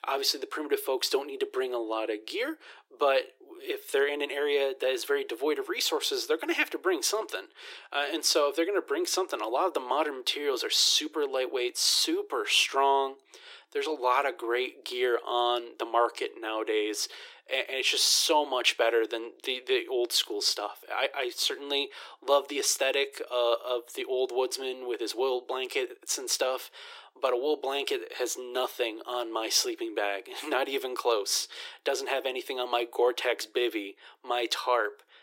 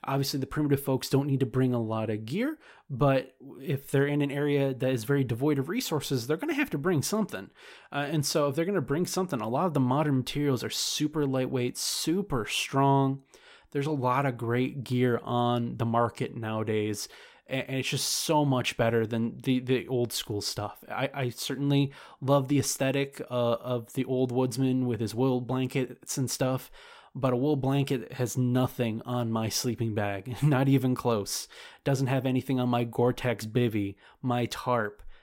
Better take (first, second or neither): second